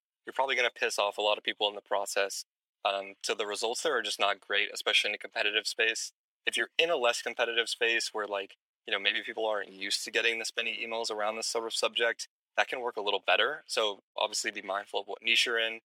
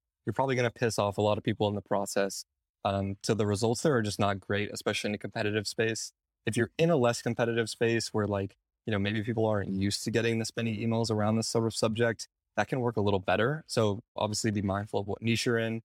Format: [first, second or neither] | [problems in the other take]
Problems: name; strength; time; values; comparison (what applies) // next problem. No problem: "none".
second | thin; very; fading below 500 Hz